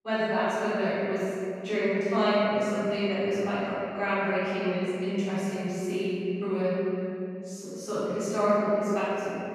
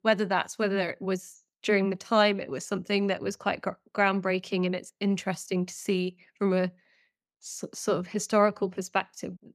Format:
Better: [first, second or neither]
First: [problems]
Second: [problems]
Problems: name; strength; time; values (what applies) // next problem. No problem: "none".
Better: second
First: off-mic speech; far // room echo; strong; dies away in 2.7 s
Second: none